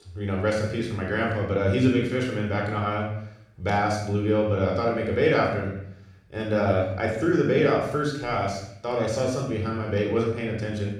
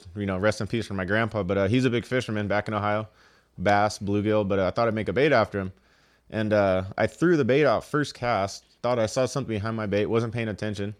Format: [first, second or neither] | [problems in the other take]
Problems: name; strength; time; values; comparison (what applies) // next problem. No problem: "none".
second | off-mic speech; somewhat distant // room echo; noticeable; dies away in 0.7 s